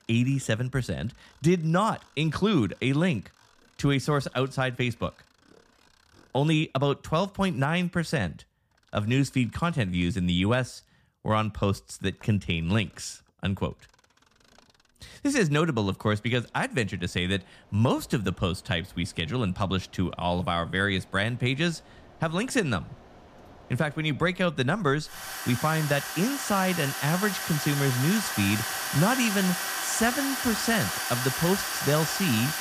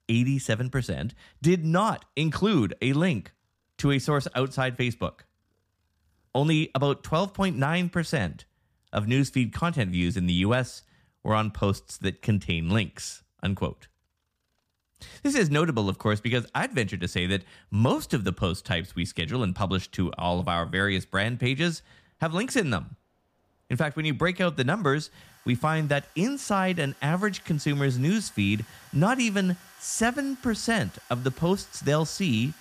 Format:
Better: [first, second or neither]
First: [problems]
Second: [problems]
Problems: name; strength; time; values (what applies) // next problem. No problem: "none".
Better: second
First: machinery noise; loud; throughout; 3 dB below the speech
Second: machinery noise; faint; throughout; 25 dB below the speech